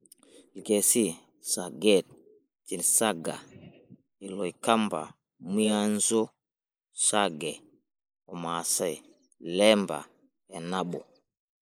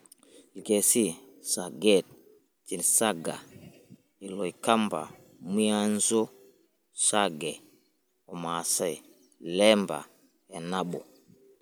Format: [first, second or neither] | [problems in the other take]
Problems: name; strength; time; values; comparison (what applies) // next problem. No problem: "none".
second | noise reduction (neural mask model Resemble Enhance denoiser)